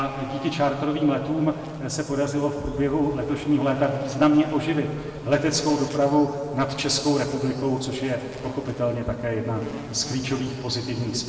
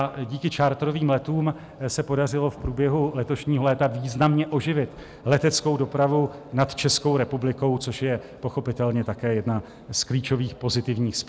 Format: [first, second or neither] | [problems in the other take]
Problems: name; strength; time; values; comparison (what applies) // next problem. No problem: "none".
second | background sound (Insect); 17 dB below the speech // room echo; dies away in 2.3 s